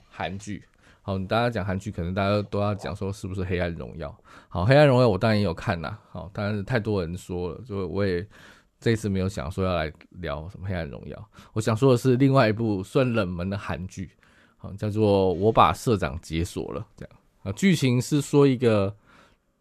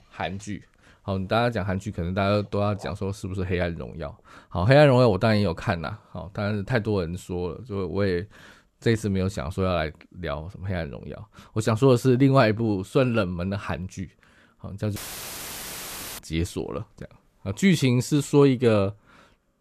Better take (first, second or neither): first